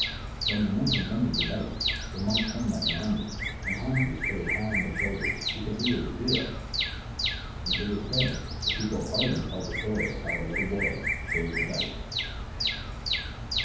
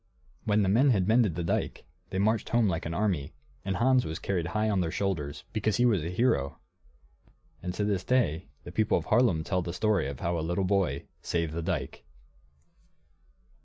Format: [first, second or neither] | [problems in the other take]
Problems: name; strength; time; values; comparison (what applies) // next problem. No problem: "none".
second | background sound (Bird vocalization, bird call, bird song); 1 dB above the speech // room echo; dies away in 0.9 s